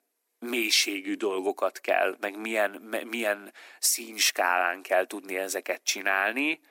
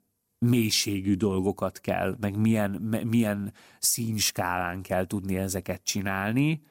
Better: second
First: thin; very; fading below 300 Hz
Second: none

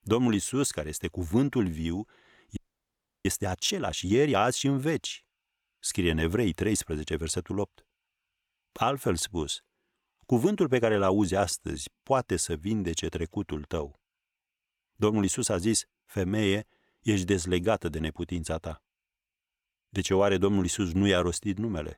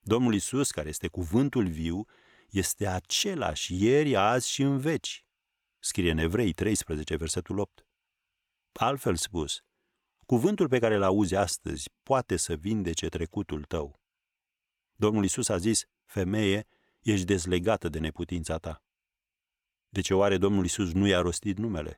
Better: second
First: audio freezing; at 2.5 s for 0.5 s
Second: none

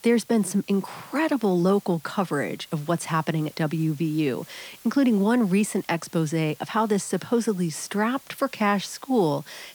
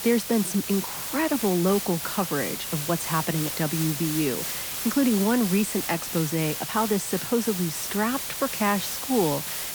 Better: first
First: hiss; faint; throughout; 25 dB below the speech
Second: hiss; loud; throughout; 3 dB below the speech

